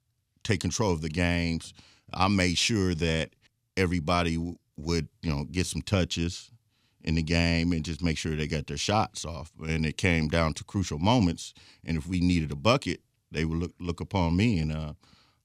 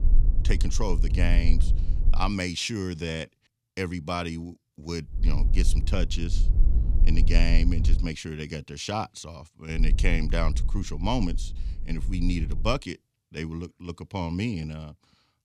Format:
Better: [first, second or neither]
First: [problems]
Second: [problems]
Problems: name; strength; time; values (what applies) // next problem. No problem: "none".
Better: first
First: none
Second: wind noise on the microphone; occasional gusts; until 2.5 s, from 5 to 8 s and from 10 to 13 s; 15 dB below the speech